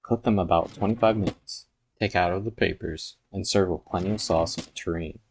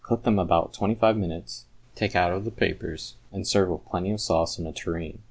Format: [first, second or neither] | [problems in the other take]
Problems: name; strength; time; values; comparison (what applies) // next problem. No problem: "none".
second | noise reduction (neural mask model RNNoise)